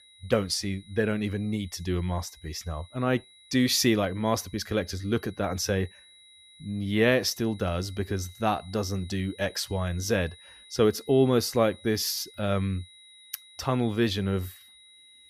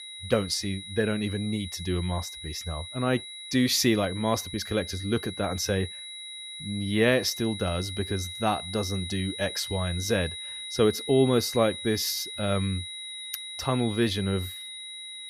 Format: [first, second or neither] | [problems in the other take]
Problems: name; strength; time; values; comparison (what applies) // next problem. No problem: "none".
first | high-pitched whine; loud; throughout; 4 kHz, 9 dB below the speech; faint in the first